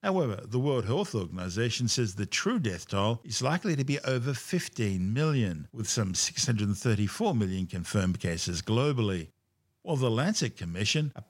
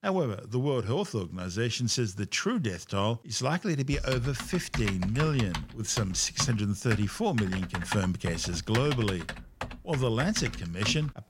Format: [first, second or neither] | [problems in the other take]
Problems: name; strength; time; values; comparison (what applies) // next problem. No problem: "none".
first | keyboard typing; noticeable; from 4 s on; peak 4 dB below the speech